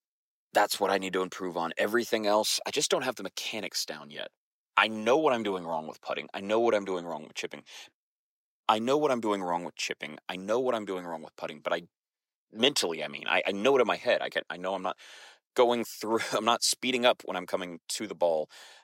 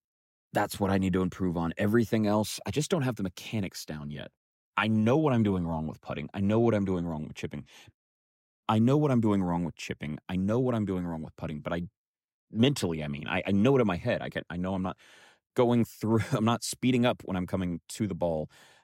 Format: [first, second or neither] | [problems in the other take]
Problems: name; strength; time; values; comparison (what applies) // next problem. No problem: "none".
second | thin; somewhat; fading below 550 Hz